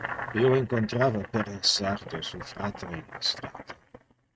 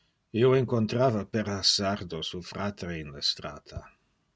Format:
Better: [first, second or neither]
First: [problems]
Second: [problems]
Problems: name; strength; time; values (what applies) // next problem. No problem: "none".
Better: second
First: noise reduction (neural mask model RNNoise)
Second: none